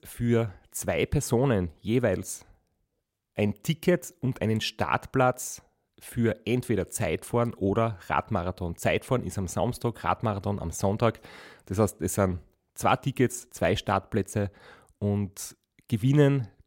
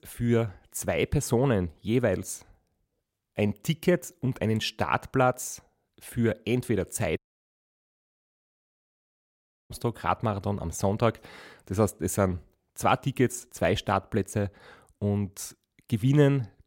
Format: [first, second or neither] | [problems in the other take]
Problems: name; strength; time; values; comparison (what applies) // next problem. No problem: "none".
first | audio cutting out; at 7 s for 2.5 s